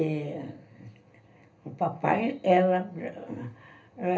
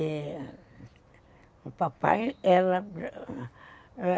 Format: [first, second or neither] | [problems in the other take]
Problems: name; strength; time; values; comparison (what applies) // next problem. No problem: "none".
second | room echo; dies away in 0.3 s